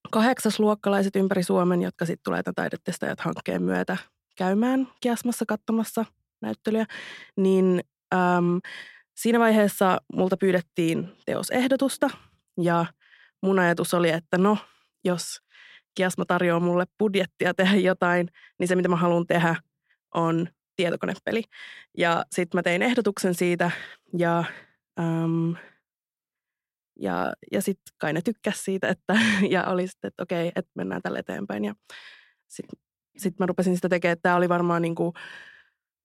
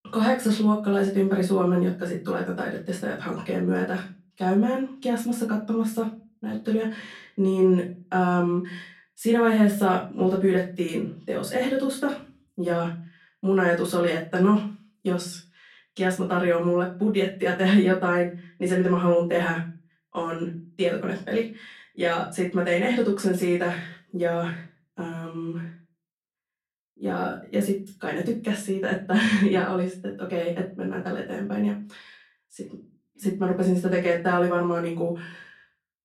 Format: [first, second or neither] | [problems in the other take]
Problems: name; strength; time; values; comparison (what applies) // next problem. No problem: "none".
first | off-mic speech; far // room echo; slight; dies away in 0.3 s